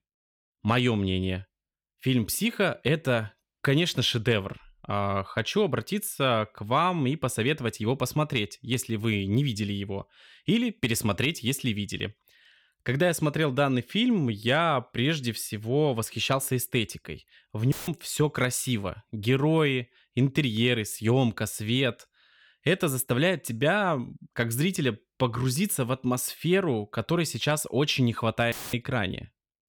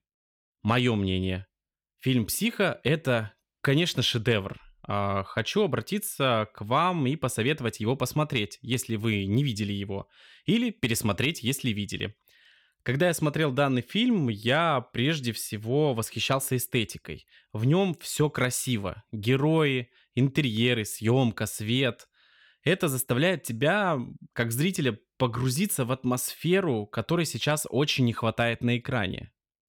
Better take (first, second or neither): second